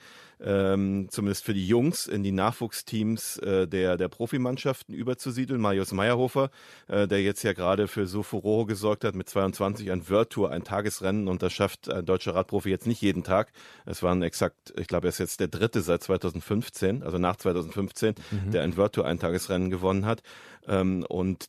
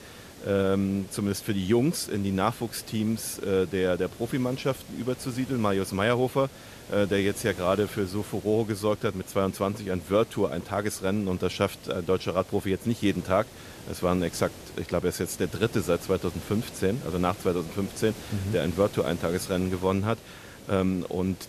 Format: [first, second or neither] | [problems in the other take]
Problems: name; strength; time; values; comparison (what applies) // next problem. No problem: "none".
first | hiss; noticeable; throughout; 15 dB below the speech